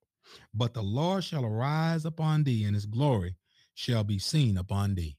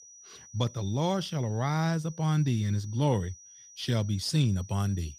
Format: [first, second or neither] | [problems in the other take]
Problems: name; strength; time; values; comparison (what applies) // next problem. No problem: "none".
first | high-pitched whine; noticeable; throughout; 6 kHz, 20 dB below the speech